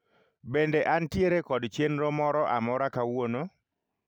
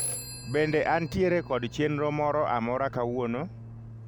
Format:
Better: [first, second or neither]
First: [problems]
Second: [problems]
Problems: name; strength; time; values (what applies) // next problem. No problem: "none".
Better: first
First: none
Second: background sound (Fixed-wing aircraft, airplane + Telephone); 12 dB below the speech